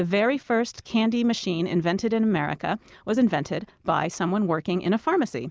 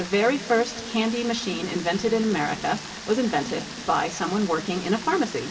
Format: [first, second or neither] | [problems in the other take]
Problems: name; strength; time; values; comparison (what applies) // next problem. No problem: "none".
first | background sound (Rain); 13 dB below the speech // room echo; dies away in 2.9 s